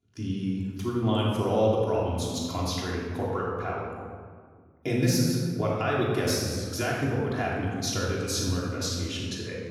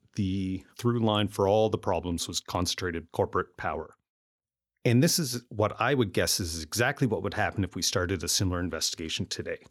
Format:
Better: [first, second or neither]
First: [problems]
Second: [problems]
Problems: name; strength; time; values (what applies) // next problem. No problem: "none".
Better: second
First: off-mic speech; far // room echo; strong; dies away in 1.7 s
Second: none